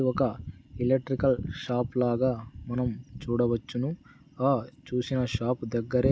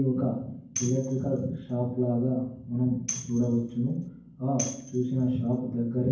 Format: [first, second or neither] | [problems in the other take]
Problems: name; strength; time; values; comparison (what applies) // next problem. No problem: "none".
first | background sound (Tambourine); 13 dB below the speech // room echo; dies away in 0.9 s